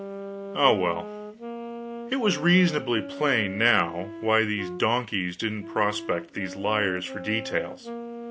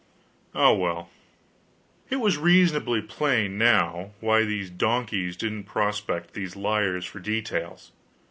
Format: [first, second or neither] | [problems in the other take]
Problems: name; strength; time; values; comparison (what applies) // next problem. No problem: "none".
second | background sound (Wind instrument, woodwind instrument); 11 dB below the speech